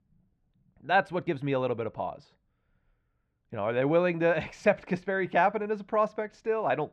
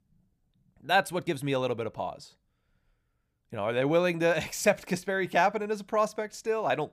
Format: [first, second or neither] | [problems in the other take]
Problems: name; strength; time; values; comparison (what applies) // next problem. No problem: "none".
second | muffled; very; fading above 2.5 kHz